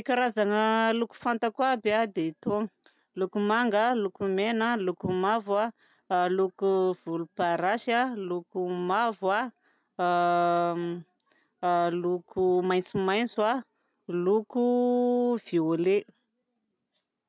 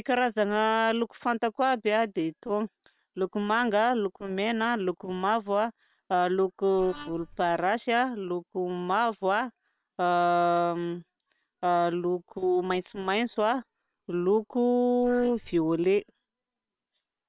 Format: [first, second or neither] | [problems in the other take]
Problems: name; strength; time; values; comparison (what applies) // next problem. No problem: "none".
first | noise reduction (neural separator model SepFormer WHAM!)